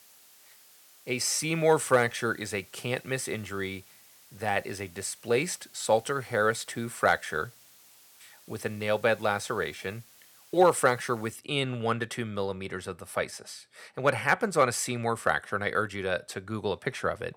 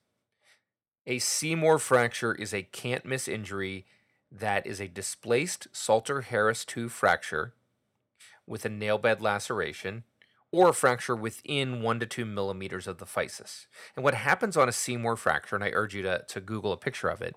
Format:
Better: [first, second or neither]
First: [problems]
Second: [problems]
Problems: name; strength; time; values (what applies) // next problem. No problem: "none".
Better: second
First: hiss; faint; until 11 s; 25 dB below the speech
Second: none